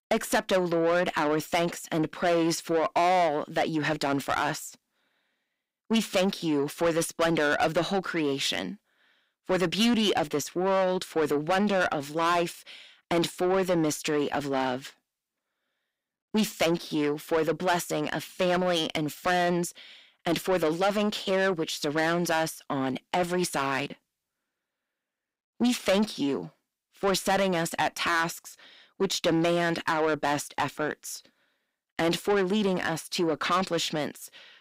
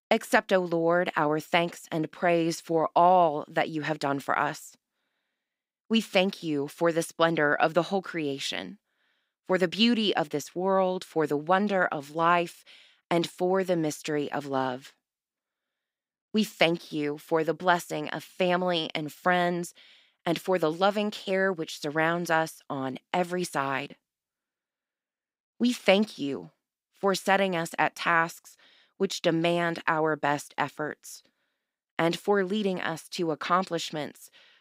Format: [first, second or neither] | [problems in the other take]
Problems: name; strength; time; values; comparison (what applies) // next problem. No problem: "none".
second | distortion; heavy; 7 dB below the speech